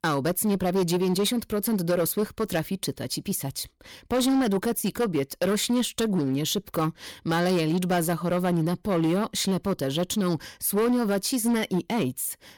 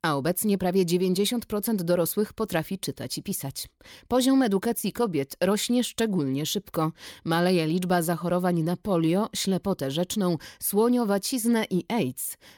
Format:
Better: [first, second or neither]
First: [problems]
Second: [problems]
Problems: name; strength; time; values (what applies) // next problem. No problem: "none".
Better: second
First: distortion; slight; 11% of the sound clipped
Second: none